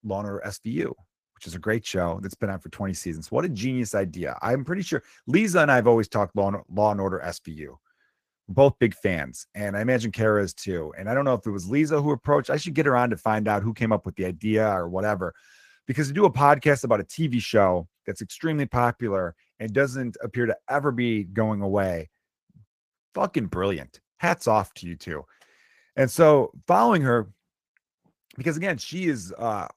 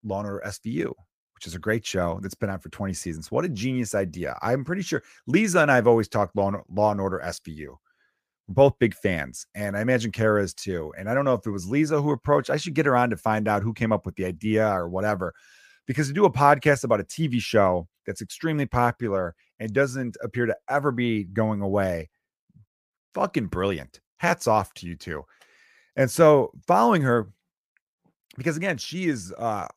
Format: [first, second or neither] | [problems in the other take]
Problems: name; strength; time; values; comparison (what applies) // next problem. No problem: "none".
second | garbled, watery; slightly